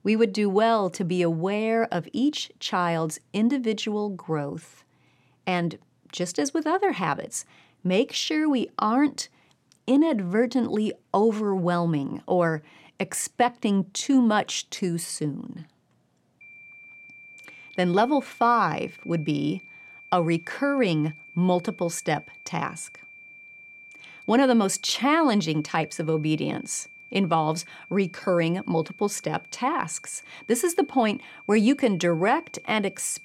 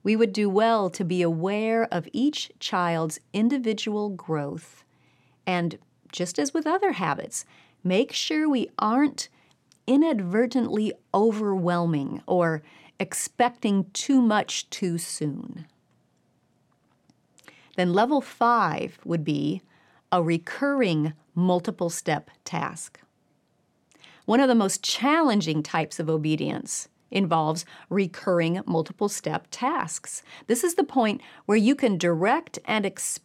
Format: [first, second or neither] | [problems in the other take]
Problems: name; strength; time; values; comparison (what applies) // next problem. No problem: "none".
second | high-pitched whine; noticeable; from 16 s on; 2.5 kHz, 20 dB below the speech